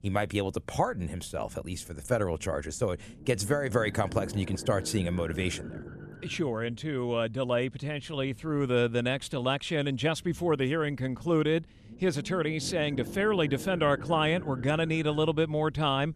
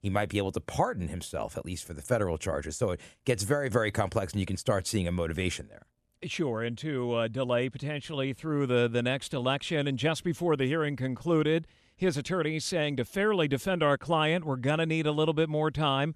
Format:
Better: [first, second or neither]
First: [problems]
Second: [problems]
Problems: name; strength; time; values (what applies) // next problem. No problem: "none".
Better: second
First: low rumble; noticeable; throughout; 15 dB below the speech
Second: none